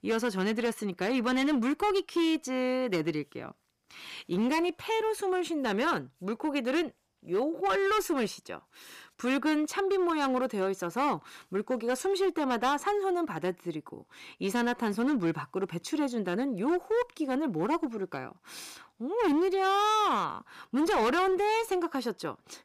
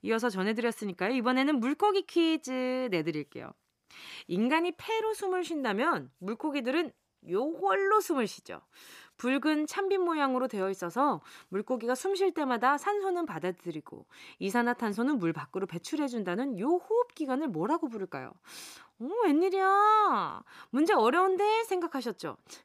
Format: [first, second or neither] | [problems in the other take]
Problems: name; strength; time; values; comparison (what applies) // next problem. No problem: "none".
second | distortion; slight; 10% of the sound clipped